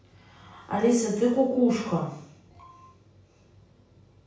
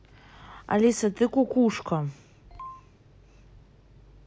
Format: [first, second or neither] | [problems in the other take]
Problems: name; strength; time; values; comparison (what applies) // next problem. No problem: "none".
second | room echo; dies away in 0.7 s